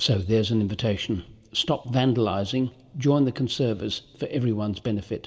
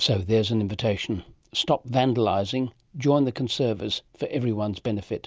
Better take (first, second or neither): second